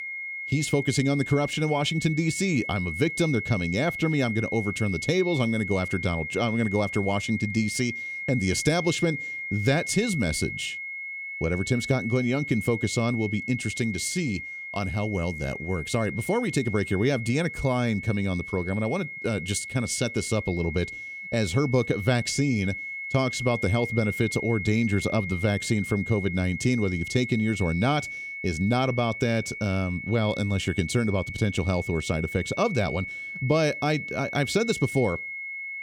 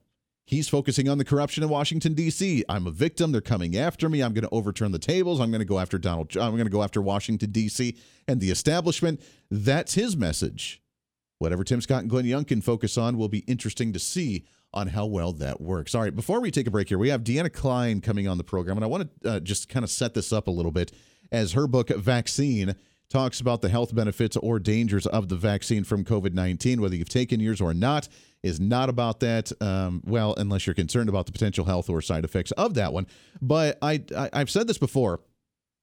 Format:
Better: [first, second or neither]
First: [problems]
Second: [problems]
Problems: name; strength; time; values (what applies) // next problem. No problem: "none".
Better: second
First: high-pitched whine; loud; throughout; 2 kHz, 7 dB below the speech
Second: none